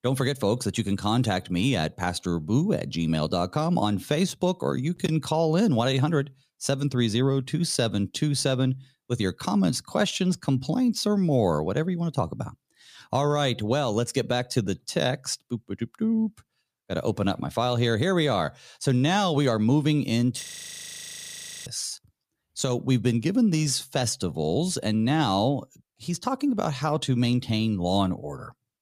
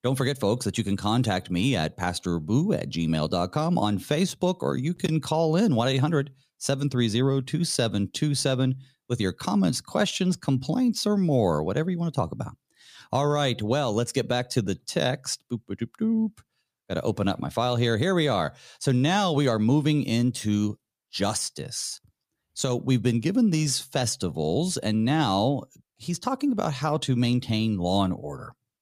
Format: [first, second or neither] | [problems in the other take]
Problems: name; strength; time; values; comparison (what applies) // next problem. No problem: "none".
second | audio freezing; at 20 s for 1 s